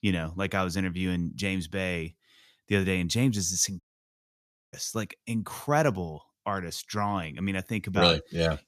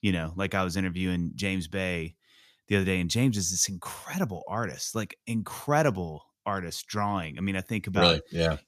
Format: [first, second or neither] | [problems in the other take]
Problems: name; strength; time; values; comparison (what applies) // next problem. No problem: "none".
second | audio cutting out; at 4 s for 1 s